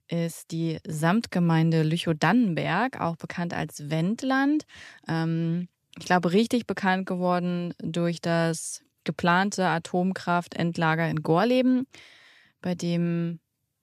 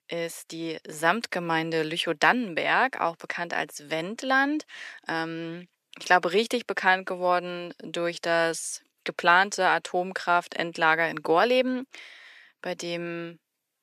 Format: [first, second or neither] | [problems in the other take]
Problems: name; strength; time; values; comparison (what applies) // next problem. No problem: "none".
first | thin; somewhat; fading below 450 Hz